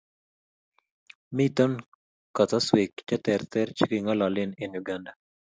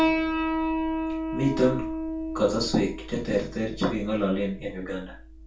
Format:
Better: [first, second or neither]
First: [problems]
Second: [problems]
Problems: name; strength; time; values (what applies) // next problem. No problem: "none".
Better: first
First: none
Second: background sound (Piano); 2 dB below the speech // room echo; dies away in 0.3 s